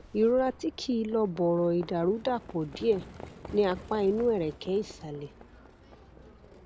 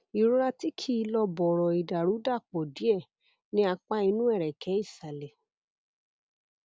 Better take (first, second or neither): second